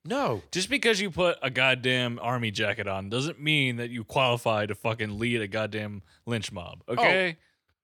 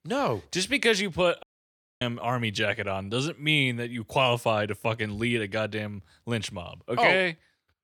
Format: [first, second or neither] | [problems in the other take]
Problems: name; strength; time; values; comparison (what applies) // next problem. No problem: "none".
first | audio cutting out; at 1.5 s for 0.5 s